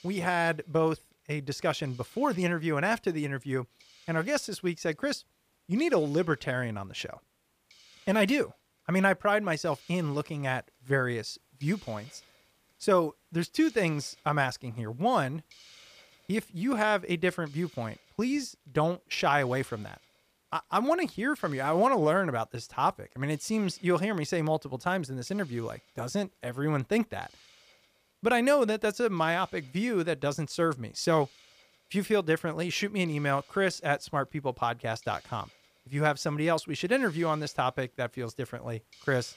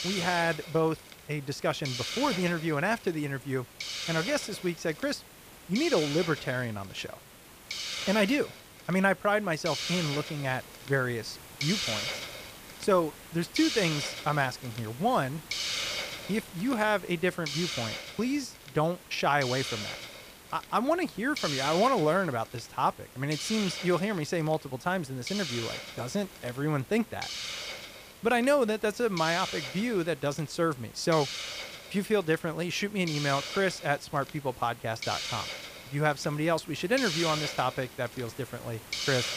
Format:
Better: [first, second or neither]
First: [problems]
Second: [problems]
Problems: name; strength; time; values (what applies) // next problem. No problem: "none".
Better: first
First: hiss; faint; throughout; 30 dB below the speech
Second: hiss; loud; throughout; 6 dB below the speech